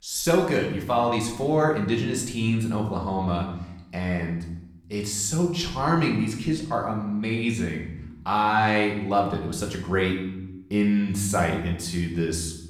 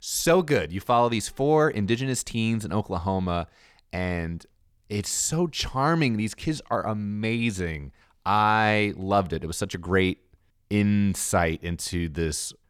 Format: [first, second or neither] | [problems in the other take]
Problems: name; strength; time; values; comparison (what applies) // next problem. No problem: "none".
second | room echo; noticeable; dies away in 0.8 s // off-mic speech; somewhat distant